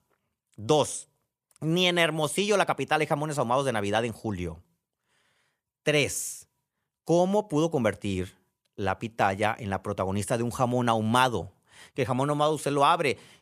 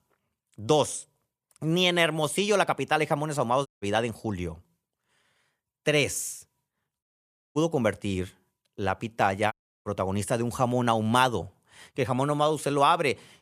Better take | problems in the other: first | audio cutting out; at 3.5 s, at 7 s for 0.5 s and at 9.5 s

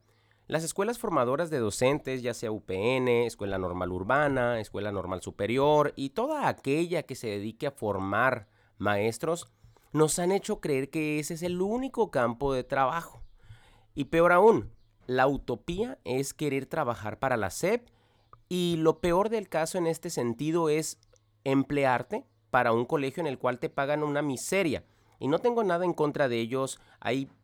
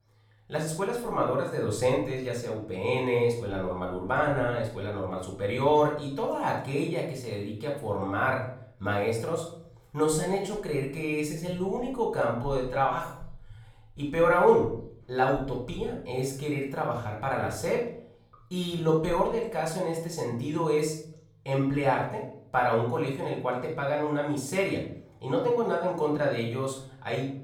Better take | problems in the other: first | off-mic speech; far // room echo; noticeable; dies away in 0.5 s

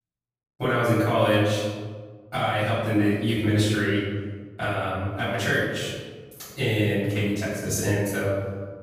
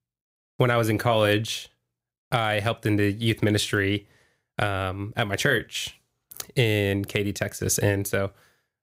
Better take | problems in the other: second | off-mic speech; far // room echo; strong; dies away in 1.4 s

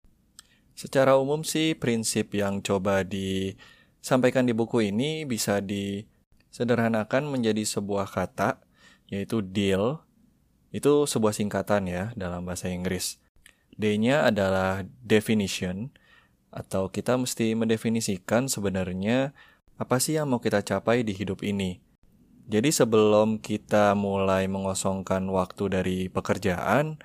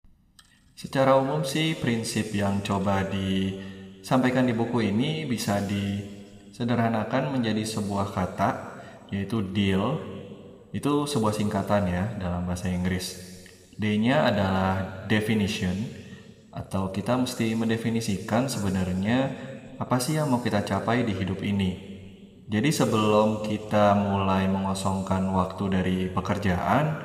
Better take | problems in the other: first | room echo; slight; dies away in 2.1 s

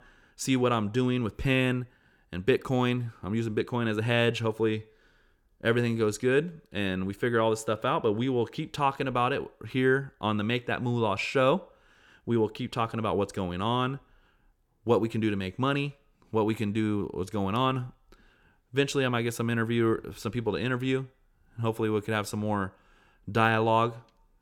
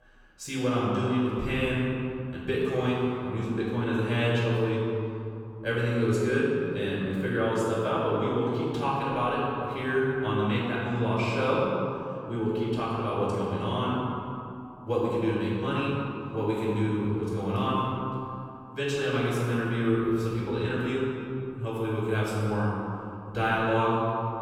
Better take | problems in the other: first | off-mic speech; far // room echo; strong; dies away in 2.4 s

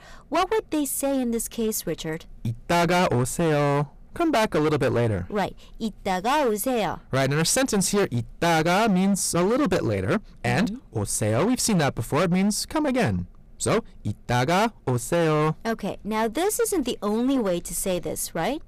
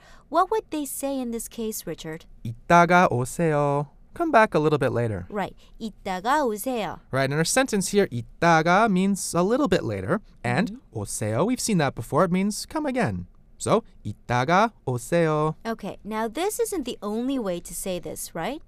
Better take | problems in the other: second | distortion; heavy; 16% of the sound clipped

